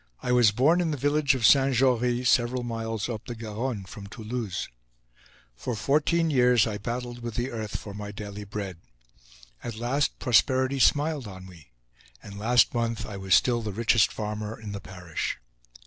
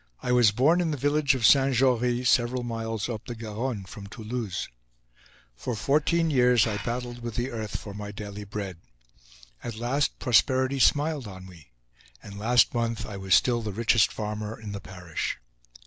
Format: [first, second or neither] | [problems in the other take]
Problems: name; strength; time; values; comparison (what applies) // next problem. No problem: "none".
first | background sound (Hiss); 13 dB below the speech